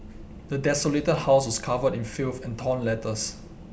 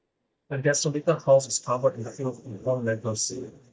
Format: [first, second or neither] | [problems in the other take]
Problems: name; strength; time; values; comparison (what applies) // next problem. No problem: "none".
first | noise reduction (neural mask model DeepFilterNet 3)